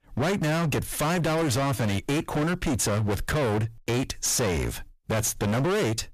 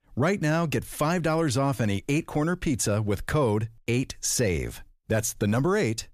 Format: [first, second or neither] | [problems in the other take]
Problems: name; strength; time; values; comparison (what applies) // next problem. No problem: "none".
second | distortion; heavy; 37% of the sound clipped